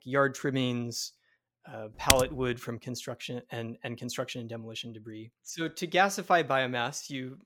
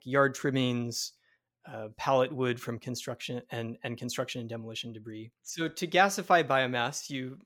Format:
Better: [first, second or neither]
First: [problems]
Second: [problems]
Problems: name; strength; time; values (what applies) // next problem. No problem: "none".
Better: second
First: keyboard typing; very faint; at 2 s; peak 6 dB above the speech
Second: none